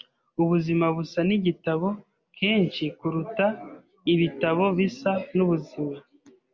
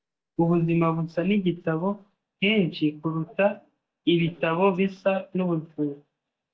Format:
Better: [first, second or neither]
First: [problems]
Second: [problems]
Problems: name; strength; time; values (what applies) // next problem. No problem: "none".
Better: first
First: none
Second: noise reduction (neural mask model DeepFilterNet 3)